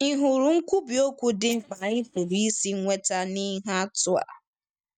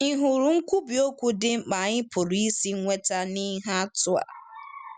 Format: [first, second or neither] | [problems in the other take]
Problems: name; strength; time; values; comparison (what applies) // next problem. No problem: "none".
second | noise reduction (neural mask model DeepFilterNet 3)